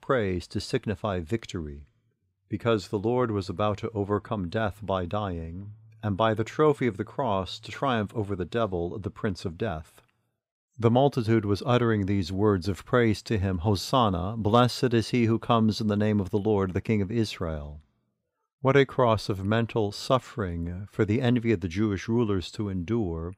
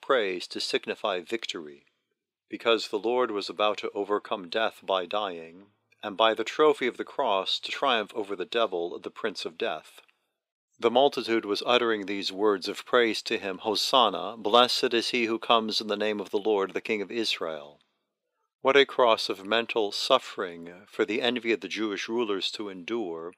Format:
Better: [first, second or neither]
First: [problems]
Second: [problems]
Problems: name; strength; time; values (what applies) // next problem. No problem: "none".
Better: first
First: none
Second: thin; somewhat; fading below 350 Hz